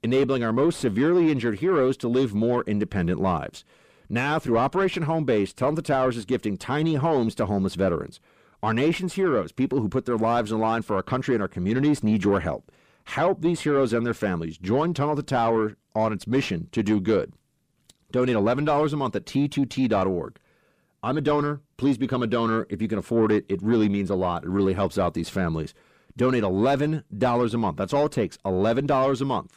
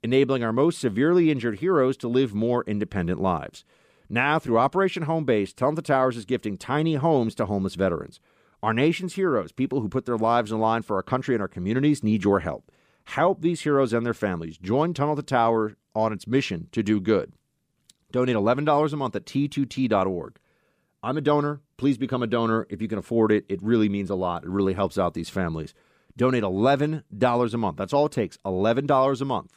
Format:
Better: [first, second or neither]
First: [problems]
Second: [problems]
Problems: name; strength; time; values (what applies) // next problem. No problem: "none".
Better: second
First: distortion; slight; 10 dB below the speech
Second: none